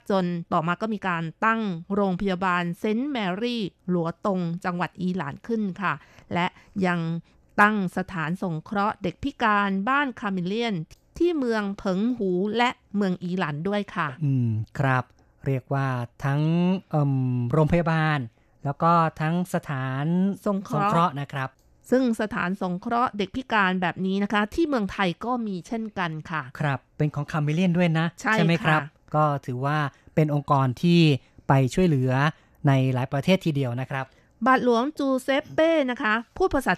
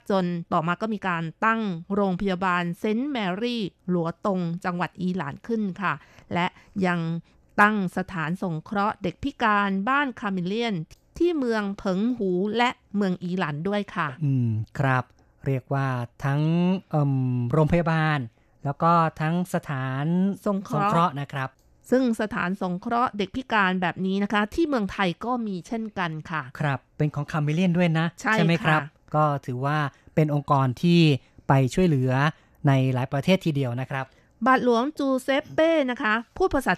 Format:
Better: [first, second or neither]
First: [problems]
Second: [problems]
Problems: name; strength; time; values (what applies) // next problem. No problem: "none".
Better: neither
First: none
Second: none